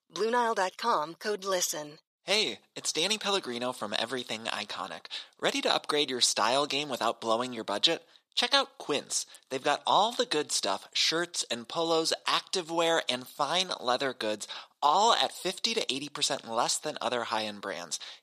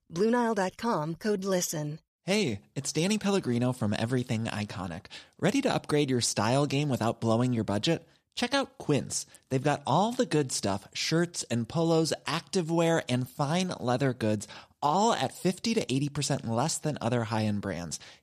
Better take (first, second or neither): second